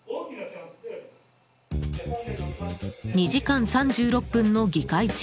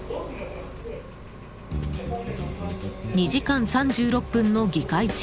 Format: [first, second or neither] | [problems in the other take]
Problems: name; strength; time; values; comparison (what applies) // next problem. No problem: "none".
first | background sound (Engine); 12 dB below the speech